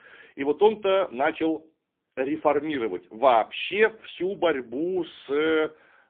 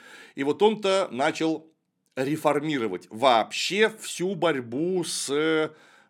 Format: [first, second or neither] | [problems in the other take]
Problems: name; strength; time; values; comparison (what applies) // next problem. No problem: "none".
second | phone-call audio; poor line; nothing above 3.5 kHz